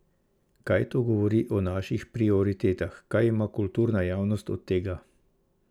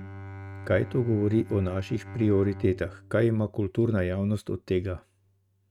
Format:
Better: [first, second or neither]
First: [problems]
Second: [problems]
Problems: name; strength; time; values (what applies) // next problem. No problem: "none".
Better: first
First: none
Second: noise reduction (neural mask model RNNoise)